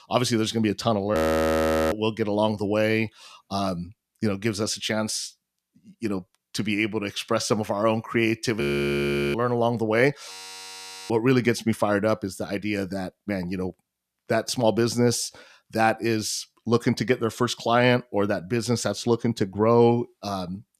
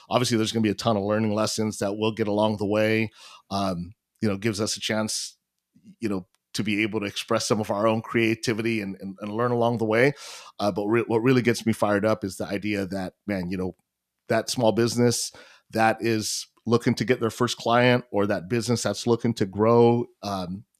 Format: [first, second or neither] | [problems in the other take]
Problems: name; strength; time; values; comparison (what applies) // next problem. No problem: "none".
second | audio freezing; at 1 s for 1 s, at 8.5 s for 0.5 s and at 10 s for 1 s